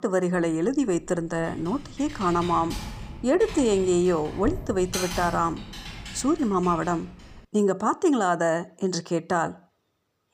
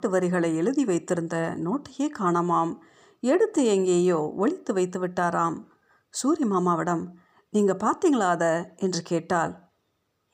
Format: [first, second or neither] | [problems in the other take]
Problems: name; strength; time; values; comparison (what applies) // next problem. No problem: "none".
second | keyboard typing; noticeable; from 0.5 to 7.5 s; peak 5 dB below the speech